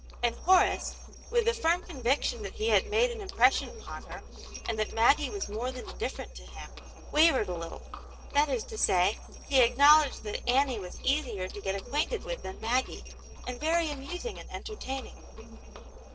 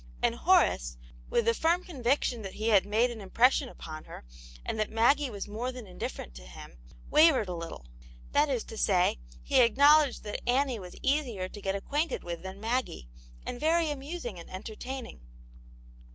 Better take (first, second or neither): second